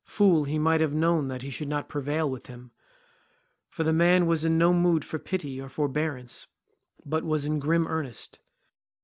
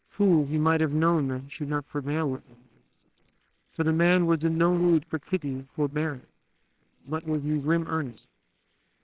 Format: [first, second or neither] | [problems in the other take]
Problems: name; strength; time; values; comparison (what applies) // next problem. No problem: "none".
first | noise reduction (neural separator model SepFormer WHAMR!)